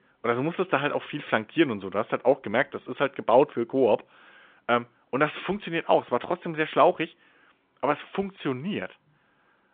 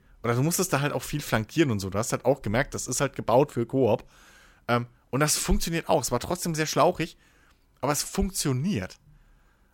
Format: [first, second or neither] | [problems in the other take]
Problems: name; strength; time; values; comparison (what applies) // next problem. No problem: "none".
second | phone-call audio; nothing above 3.5 kHz